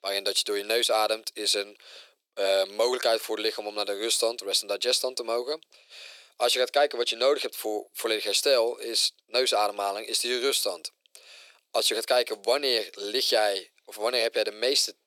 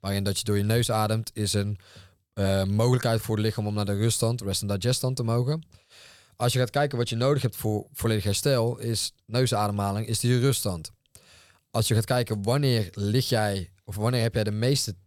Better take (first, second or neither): second